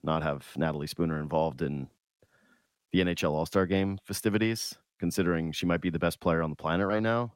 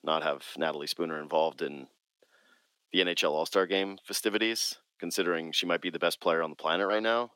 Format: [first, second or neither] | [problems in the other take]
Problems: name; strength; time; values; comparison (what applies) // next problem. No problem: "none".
first | thin; somewhat; fading below 350 Hz